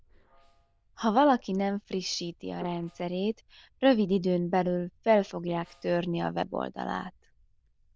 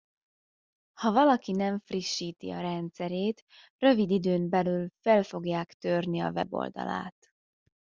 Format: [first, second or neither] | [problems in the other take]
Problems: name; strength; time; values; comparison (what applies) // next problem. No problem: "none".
second | noise reduction (neural diffusion model UNIVERSE++)